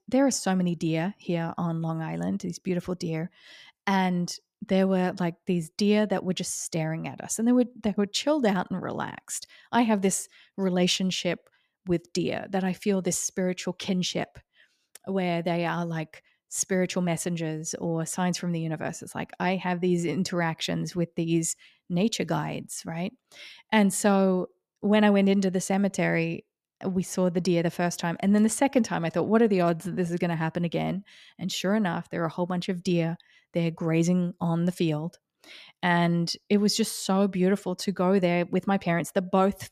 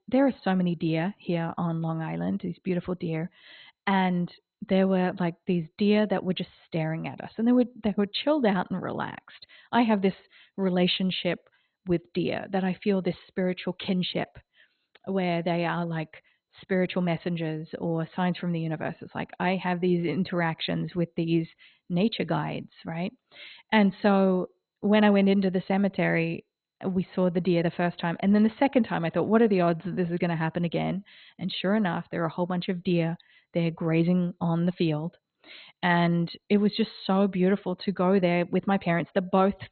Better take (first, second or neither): first